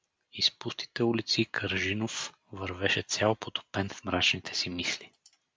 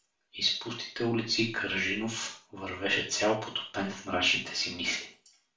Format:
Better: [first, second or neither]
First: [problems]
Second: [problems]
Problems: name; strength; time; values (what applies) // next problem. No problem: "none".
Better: first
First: none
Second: room echo; dies away in 0.4 s